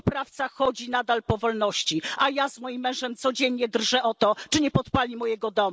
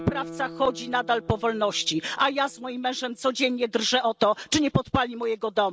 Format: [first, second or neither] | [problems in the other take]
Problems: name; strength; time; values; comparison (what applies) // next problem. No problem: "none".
first | background sound (Guitar); 19 dB below the speech